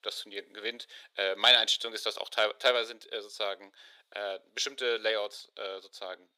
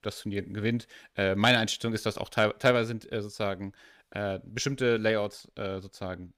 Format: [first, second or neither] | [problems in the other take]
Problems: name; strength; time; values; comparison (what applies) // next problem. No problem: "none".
second | thin; very; fading below 450 Hz